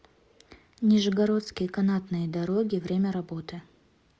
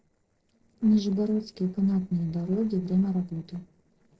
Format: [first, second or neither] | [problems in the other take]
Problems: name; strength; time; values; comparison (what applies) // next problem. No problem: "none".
first | noise reduction (neural separator model SepFormer DNS4)